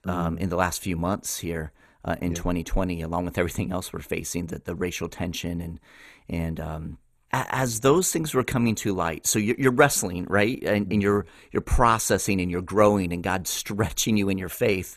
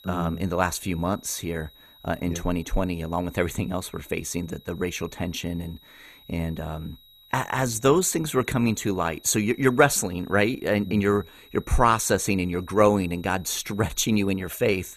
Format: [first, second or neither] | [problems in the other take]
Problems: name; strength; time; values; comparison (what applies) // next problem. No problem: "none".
first | high-pitched whine; faint; throughout; 4 kHz, 25 dB below the speech